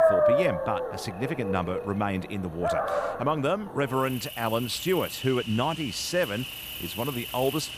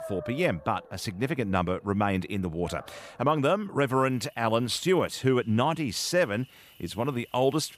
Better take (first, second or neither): second